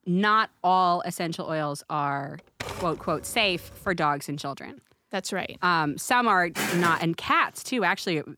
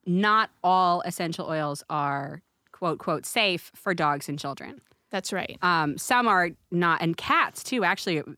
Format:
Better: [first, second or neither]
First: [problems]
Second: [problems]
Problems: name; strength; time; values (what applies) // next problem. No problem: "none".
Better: second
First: keyboard typing; faint; from 2.5 to 4 s; peak 10 dB below the speech // footsteps; noticeable; at 6.5 s; peak 3 dB below the speech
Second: none